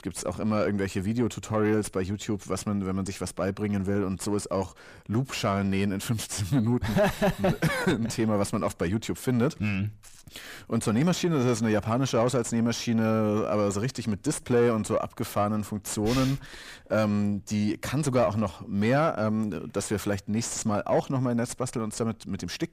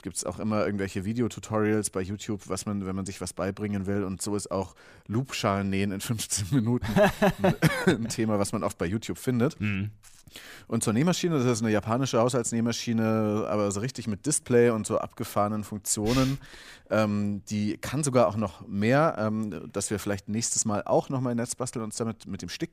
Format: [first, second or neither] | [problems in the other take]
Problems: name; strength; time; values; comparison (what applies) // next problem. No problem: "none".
second | distortion; slight; 10 dB below the speech